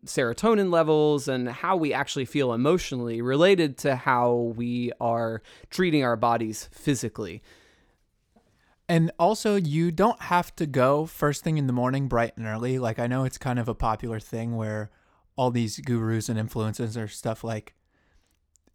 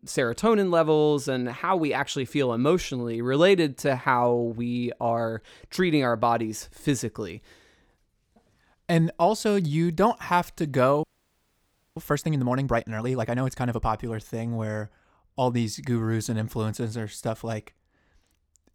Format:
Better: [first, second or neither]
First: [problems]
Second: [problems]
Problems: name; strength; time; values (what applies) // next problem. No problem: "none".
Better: first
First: none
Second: audio freezing; at 11 s for 1 s